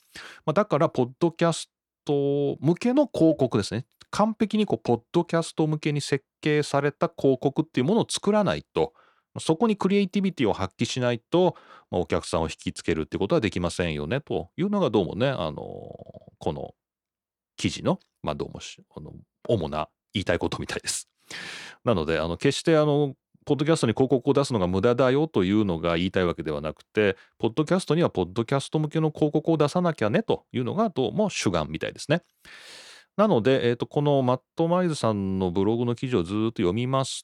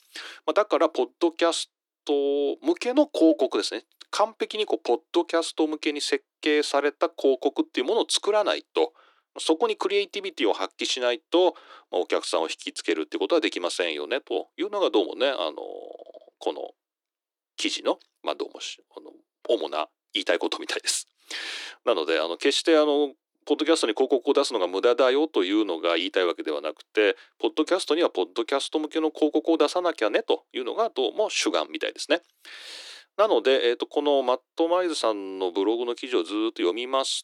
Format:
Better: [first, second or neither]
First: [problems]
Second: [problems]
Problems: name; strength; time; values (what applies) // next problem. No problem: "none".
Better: first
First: none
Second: thin; somewhat; fading below 300 Hz